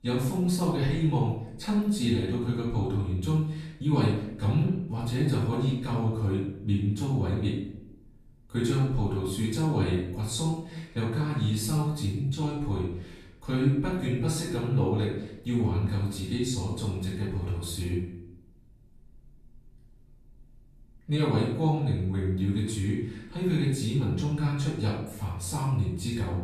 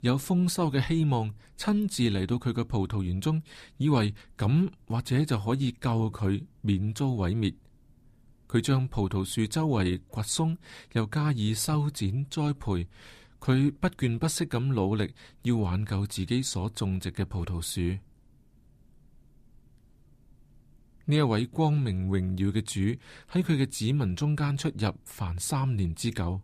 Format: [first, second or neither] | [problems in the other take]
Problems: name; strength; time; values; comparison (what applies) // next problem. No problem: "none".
second | off-mic speech; far // room echo; noticeable; dies away in 0.6 s